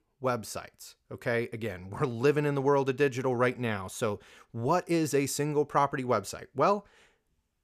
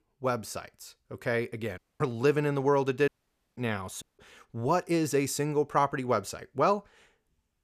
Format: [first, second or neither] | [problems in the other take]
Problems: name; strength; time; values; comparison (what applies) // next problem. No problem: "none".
first | audio cutting out; at 2 s, at 3 s and at 4 s